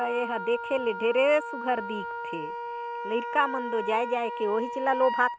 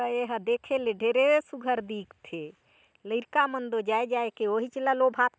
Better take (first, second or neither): second